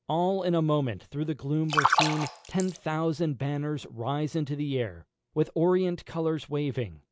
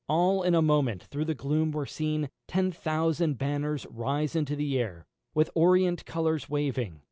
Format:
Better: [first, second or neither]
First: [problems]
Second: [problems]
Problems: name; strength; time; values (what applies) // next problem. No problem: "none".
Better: second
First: background sound (Splash, splatter); 1 dB above the speech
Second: none